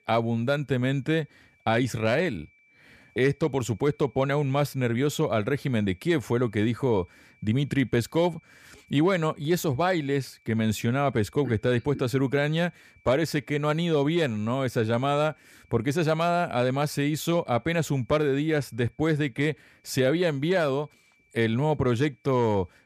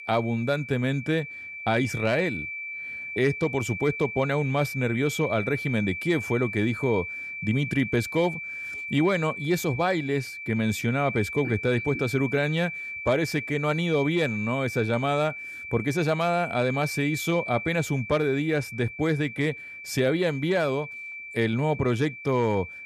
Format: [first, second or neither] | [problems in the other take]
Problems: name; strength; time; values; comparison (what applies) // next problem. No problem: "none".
first | high-pitched whine; loud; throughout; 2.5 kHz, 8 dB below the speech; faint in the first